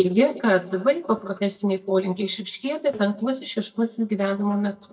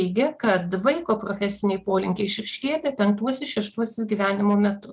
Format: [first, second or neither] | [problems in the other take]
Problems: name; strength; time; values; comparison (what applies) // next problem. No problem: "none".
second | noise reduction (neural mask model DeepFilterNet 3)